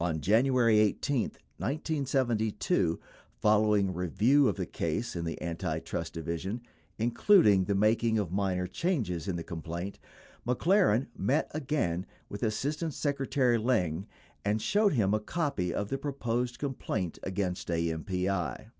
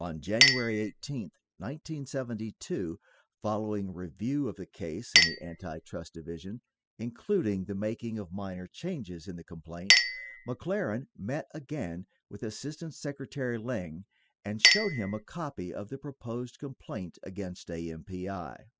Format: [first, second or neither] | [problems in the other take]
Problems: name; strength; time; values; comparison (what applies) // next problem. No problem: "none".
first | noise reduction (classical method spectral subtraction)